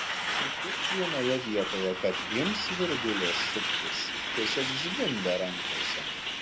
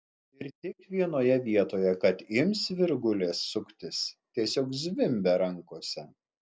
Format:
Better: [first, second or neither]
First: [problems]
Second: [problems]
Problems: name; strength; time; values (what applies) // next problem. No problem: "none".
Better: second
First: background sound (Truck); 1 dB above the speech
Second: none